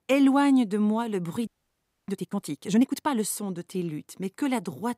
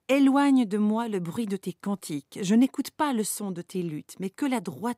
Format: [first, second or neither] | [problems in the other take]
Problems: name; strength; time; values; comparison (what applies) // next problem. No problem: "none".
second | audio freezing; at 1.5 s for 0.5 s